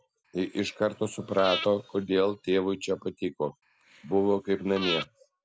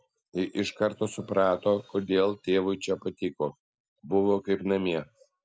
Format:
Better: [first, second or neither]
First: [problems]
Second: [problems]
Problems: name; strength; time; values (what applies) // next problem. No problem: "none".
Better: second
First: background sound (Breathing); 10 dB below the speech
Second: none